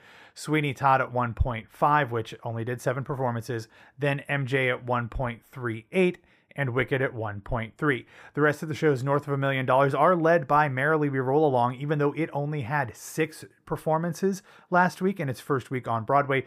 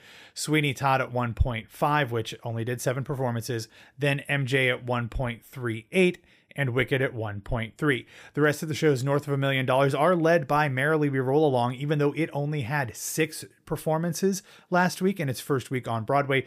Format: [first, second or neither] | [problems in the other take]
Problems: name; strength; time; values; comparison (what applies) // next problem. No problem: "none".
second | muffled; slightly; fading above 2.5 kHz